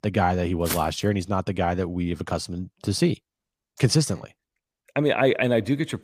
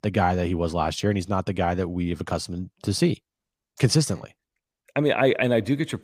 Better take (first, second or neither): second